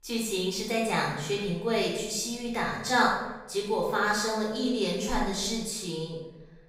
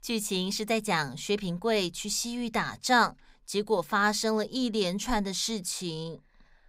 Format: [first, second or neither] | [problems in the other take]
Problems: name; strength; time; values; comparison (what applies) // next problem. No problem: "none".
second | room echo; noticeable; dies away in 0.9 s // off-mic speech; far